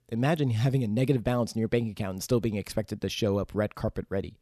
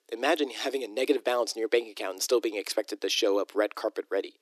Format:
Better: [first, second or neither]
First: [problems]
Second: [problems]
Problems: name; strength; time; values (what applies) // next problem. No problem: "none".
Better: first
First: none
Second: thin; very; fading below 300 Hz